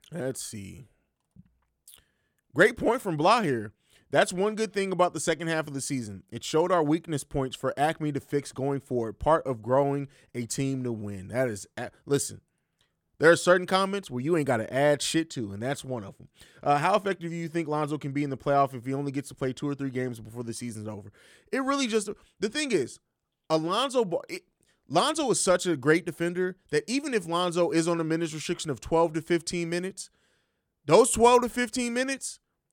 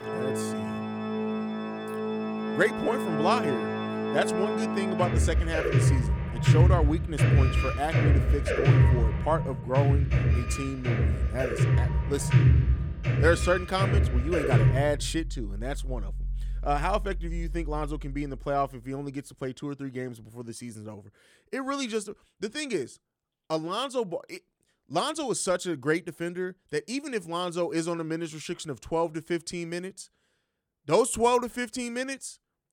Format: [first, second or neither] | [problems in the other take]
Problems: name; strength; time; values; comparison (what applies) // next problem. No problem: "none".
first | background music; very loud; until 18 s; 4 dB above the speech